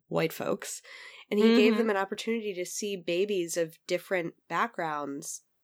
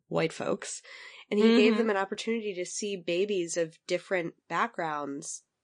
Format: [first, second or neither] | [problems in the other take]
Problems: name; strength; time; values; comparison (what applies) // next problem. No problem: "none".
first | garbled, watery; slightly; nothing above 9 kHz